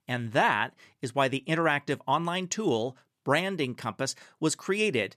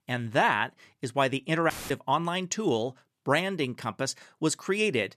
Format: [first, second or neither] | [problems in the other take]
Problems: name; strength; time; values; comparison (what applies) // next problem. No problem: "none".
first | audio cutting out; filled with static; at 1.5 s